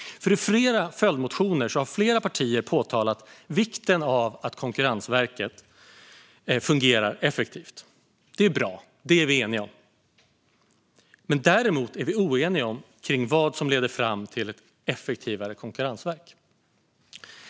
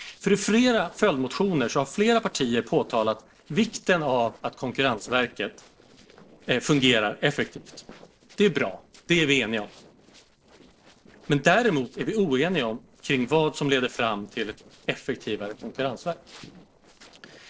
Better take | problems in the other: first | noise reduction (neural separator model SepFormer DNS4)

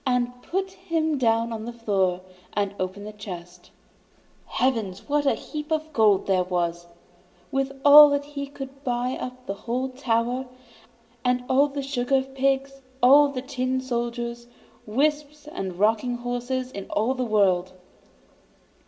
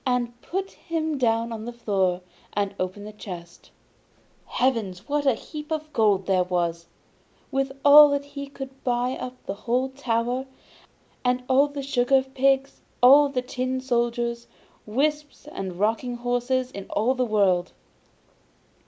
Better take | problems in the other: second | room echo; dies away in 0.4 s

